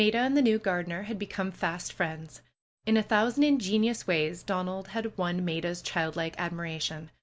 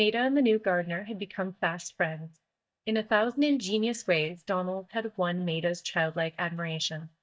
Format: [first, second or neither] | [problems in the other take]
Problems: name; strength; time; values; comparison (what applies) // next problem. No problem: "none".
first | noise reduction (neural mask model DeepFilterNet 3)